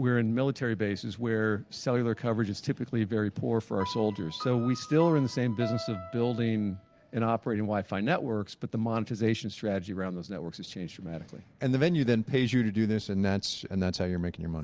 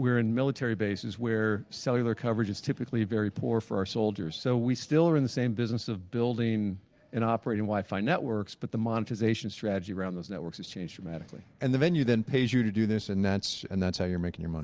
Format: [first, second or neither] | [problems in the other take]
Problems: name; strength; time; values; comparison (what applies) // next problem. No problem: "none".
second | background sound (Piano); 13 dB below the speech